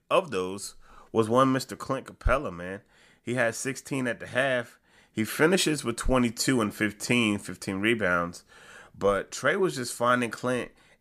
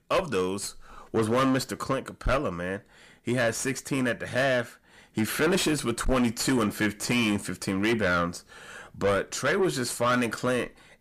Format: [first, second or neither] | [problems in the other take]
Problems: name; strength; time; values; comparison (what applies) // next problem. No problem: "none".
first | distortion; heavy; 7 dB below the speech